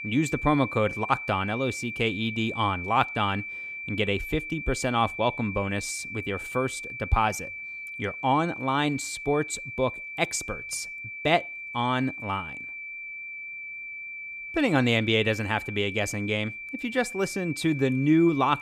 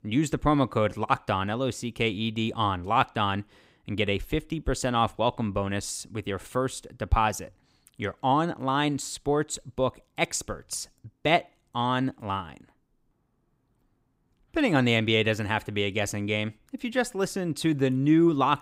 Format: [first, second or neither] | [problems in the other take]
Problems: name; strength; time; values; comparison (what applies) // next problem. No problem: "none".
second | high-pitched whine; loud; throughout; 2.5 kHz, 8 dB below the speech